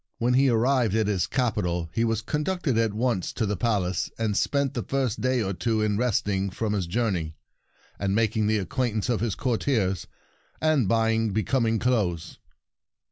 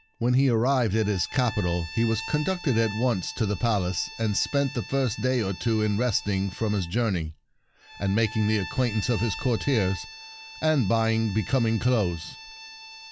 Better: first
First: none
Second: background sound (Bowed string instrument); 15 dB below the speech

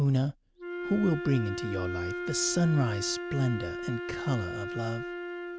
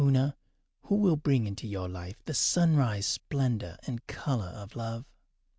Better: second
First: background sound (Wind instrument, woodwind instrument); 6 dB below the speech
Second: none

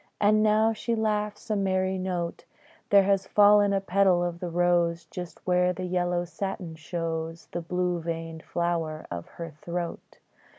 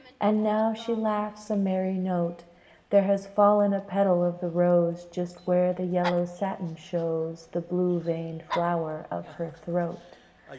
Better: first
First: none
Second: background sound (Dog); 19 dB below the speech // room echo; dies away in 0.9 s

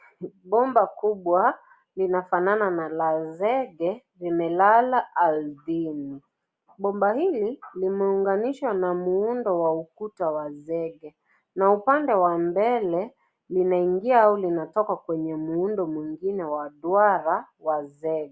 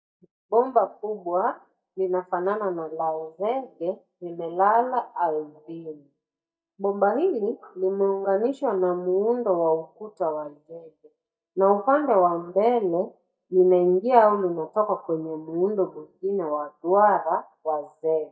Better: first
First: none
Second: noise reduction (neural mask model DeepFilterNet 3)

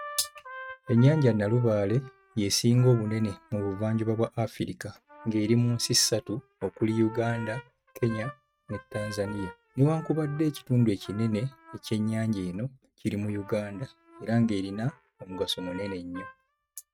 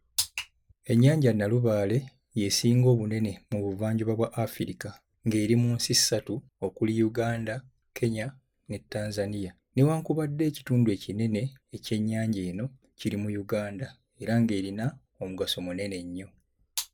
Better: second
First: noise reduction (neural mask model RNNoise)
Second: none

